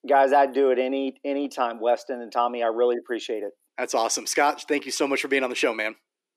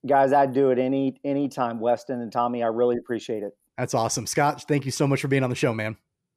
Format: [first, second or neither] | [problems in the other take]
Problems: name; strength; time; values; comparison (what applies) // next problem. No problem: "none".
second | thin; very slightly; fading below 300 Hz